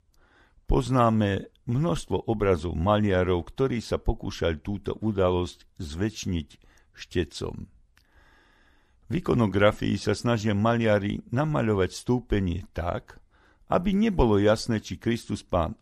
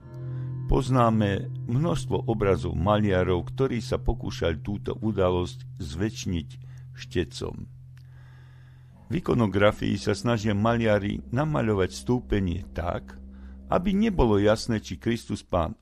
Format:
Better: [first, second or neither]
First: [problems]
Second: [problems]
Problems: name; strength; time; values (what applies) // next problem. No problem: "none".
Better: first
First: none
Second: background music; noticeable; throughout; 15 dB below the speech